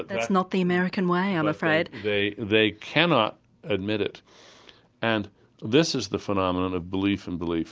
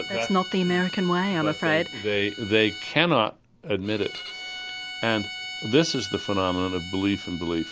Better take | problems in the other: first | background sound (Bowed string instrument); 12 dB below the speech

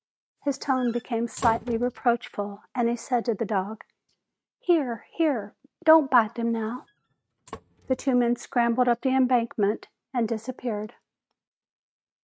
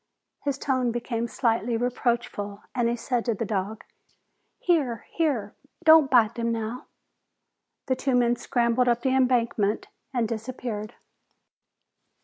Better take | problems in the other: second | noise reduction (neural mask model RNNoise)

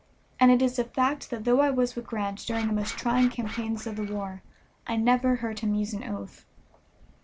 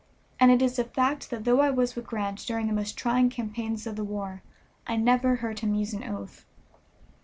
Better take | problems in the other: second | background sound (Scratching (performance technique)); 12 dB below the speech

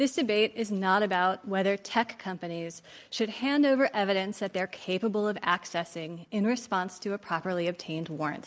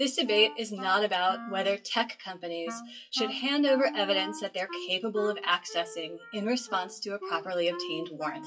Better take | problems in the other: first | noise reduction (classical method WPE with log-MMSE)

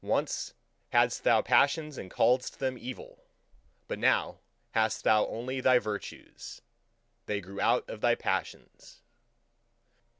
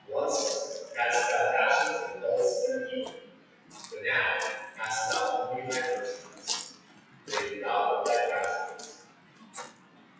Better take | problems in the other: first | noise reduction (classical method WPE with log-MMSE)

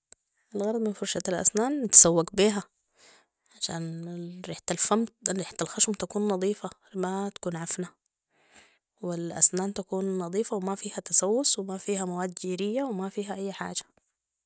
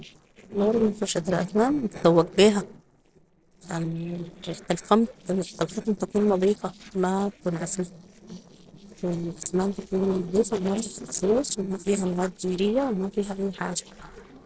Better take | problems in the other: first | noise reduction (neural separator model SepFormer DNS4)

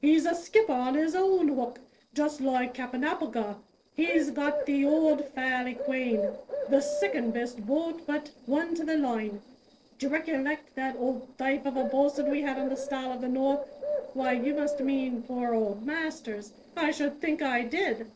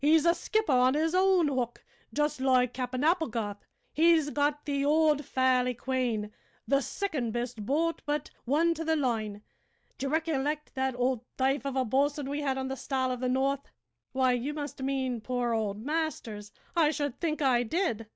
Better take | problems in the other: second | noise reduction (neural separator model SepFormer DNS4)

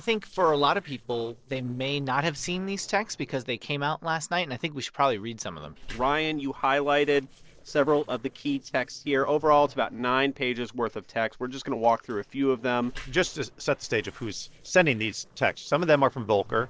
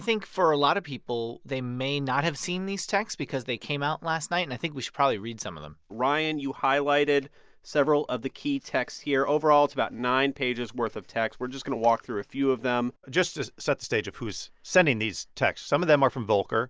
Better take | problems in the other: second | noise reduction (neural separator model SepFormer DNS4)

